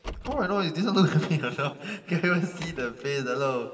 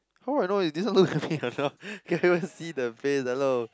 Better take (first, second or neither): second